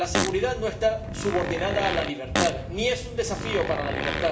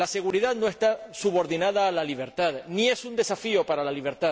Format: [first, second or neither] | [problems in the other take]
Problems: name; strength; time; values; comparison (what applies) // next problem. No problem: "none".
second | background sound (Fart); 3 dB below the speech // room echo; dies away in 0.8 s